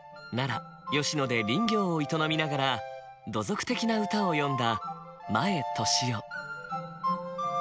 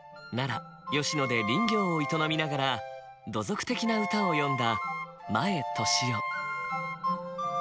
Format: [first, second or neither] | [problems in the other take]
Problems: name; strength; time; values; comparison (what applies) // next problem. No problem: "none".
first | background sound (Wind instrument, woodwind instrument); 6 dB below the speech